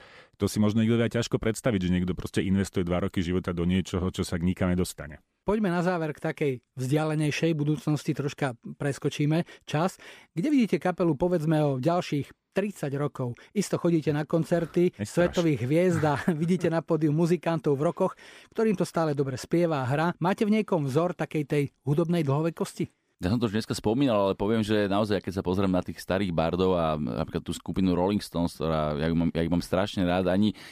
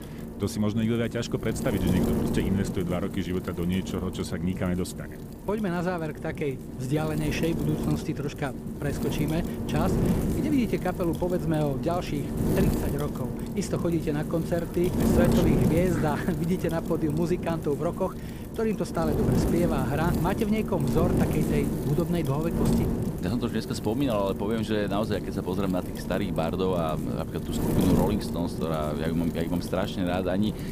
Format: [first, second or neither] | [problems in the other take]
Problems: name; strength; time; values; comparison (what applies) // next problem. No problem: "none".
first | wind noise on the microphone; heavy; 4 dB below the speech